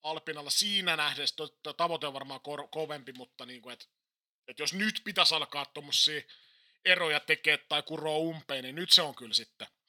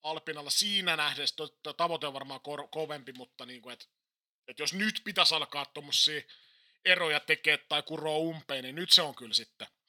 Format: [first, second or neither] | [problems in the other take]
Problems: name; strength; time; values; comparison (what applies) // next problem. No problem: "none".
neither | thin; somewhat; fading below 400 Hz; the same in both